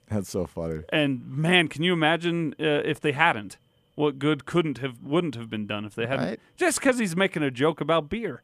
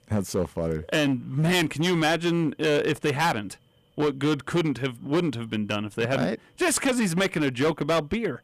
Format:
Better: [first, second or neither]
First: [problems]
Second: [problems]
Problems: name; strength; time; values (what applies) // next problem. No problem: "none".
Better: first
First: none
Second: distortion; heavy; 11% of the sound clipped